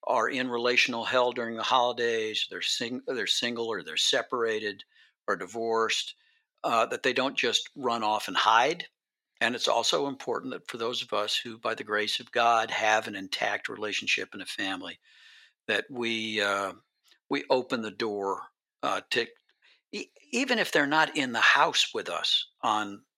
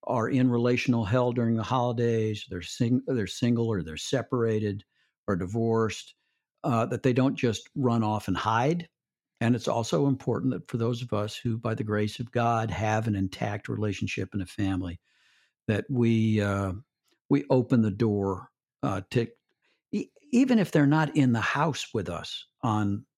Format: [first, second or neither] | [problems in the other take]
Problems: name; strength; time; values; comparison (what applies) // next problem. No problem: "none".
second | thin; very; fading below 600 Hz